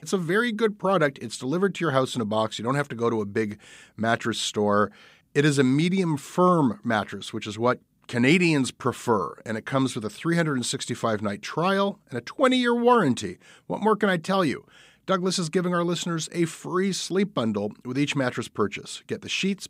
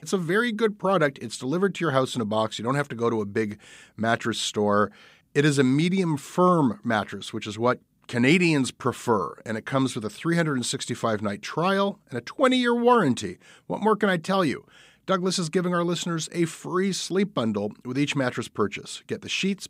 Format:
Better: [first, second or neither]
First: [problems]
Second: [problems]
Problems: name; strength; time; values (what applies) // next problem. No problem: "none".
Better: neither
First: none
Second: none